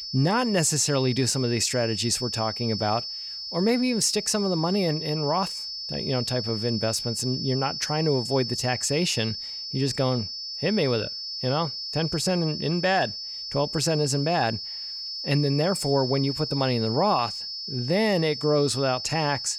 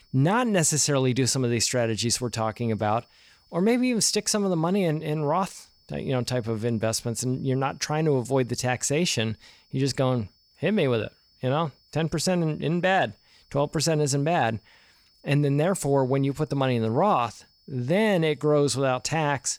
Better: second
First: high-pitched whine; loud; throughout; 5 kHz, 6 dB below the speech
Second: high-pitched whine; faint; throughout; 5 kHz, 35 dB below the speech

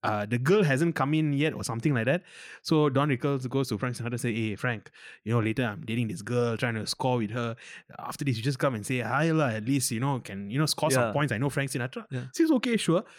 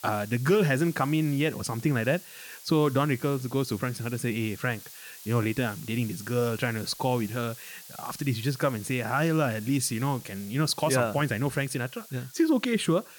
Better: first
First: none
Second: hiss; noticeable; throughout; 15 dB below the speech

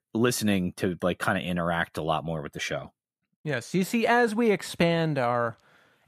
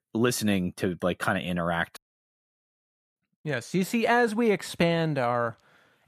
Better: first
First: none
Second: audio cutting out; at 2 s for 1 s

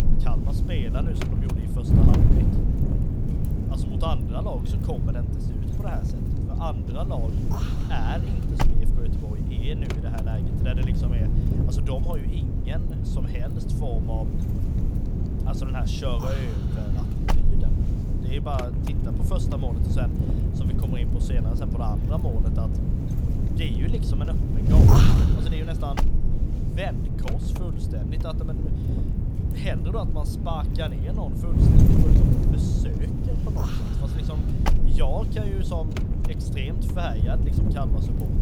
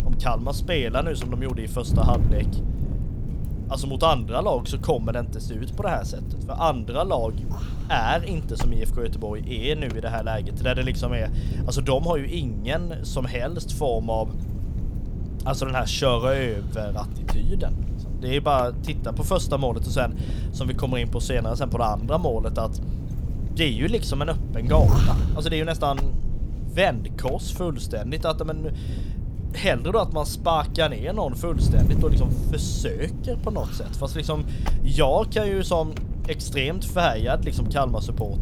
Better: second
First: wind noise on the microphone; heavy; 1 dB above the speech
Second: wind noise on the microphone; occasional gusts; 15 dB below the speech

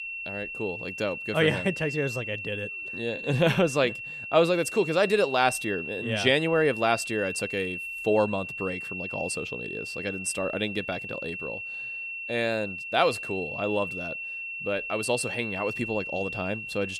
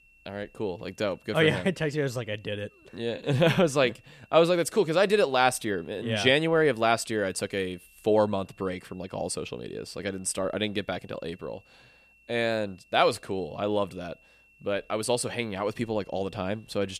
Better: second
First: high-pitched whine; loud; throughout; 2.5 kHz, 6 dB below the speech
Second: high-pitched whine; faint; throughout; 2.5 kHz, 30 dB below the speech

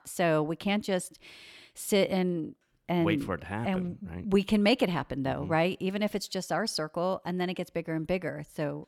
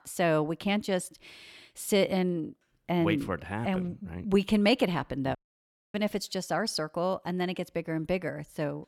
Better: first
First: none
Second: audio cutting out; at 5.5 s for 0.5 s

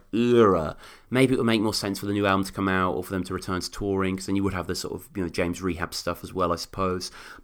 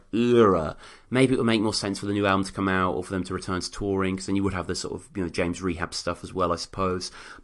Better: first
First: none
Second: garbled, watery; slightly

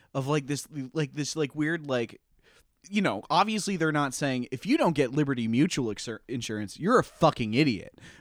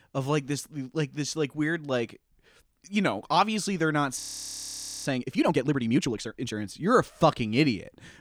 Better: first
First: none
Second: audio freezing; at 4 s for 1 s

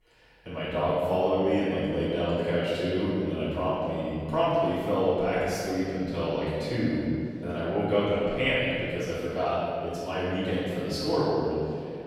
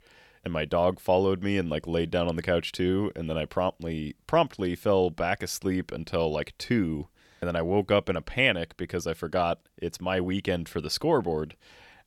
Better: second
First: room echo; strong; dies away in 2.3 s // off-mic speech; far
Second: none

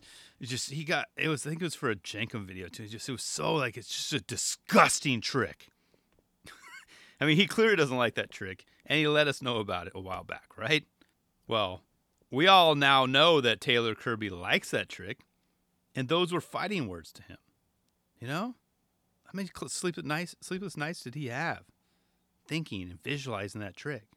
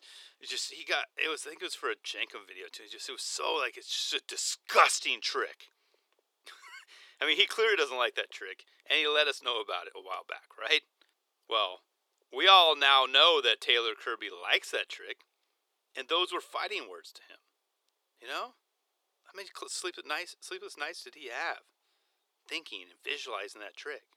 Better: first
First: none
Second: thin; very; fading below 400 Hz

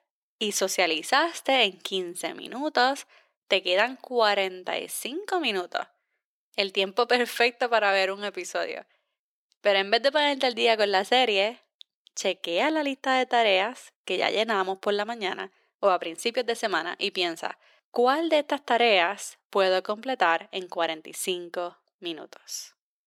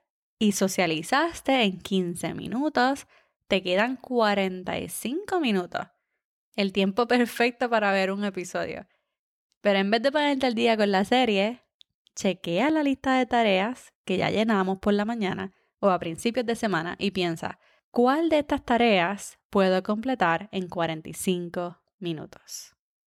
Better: second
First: thin; somewhat; fading below 350 Hz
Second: none

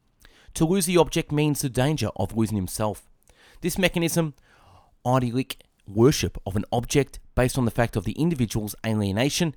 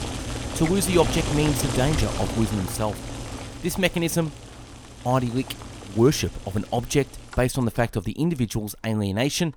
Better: first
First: none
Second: household noises; loud; throughout; 7 dB below the speech

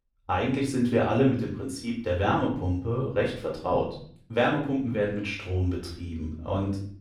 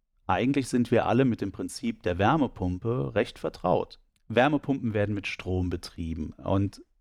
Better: second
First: off-mic speech; far // room echo; slight; dies away in 0.5 s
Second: none

